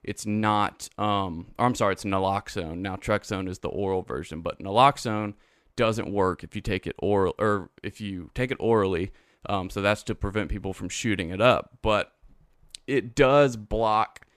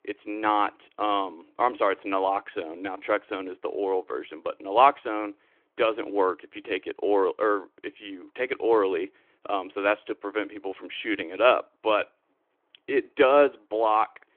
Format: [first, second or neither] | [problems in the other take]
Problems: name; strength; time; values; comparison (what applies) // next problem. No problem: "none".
first | phone-call audio